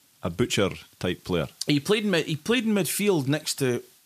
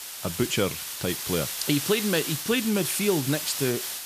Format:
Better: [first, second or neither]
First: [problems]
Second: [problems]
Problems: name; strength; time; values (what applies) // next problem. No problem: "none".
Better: first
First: hiss; faint; throughout; 30 dB below the speech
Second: hiss; loud; throughout; 4 dB below the speech